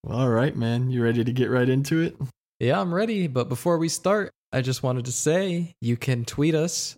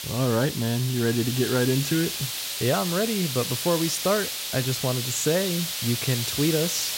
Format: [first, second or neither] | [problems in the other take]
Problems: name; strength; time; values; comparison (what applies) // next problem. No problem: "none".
first | hiss; loud; throughout; 3 dB below the speech